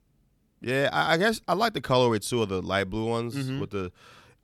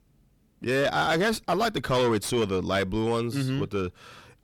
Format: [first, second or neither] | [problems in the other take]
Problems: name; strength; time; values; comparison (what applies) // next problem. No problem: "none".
first | distortion; heavy; 7 dB below the speech